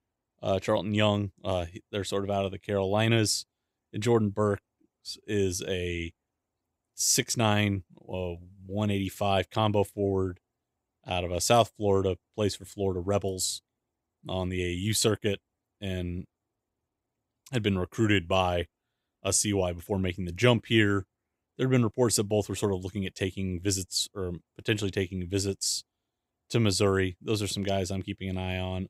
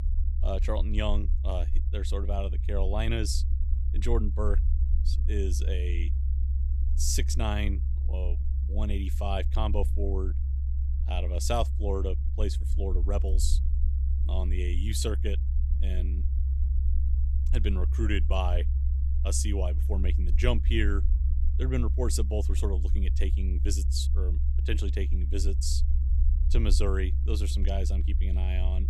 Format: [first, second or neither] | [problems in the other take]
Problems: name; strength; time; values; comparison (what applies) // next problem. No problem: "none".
first | low rumble; noticeable; throughout; 10 dB below the speech